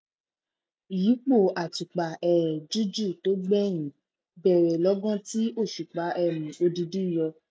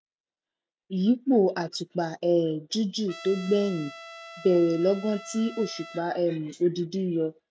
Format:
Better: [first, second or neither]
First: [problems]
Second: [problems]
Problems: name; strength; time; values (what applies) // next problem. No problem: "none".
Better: first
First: none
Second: background sound (Trumpet); 17 dB below the speech